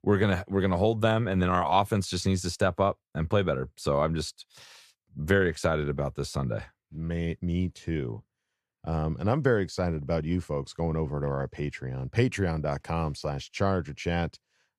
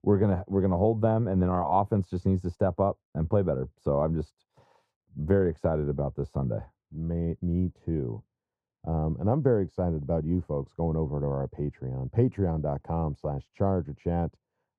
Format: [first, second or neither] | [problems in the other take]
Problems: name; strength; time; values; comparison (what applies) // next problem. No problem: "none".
first | muffled; very; fading above 1.5 kHz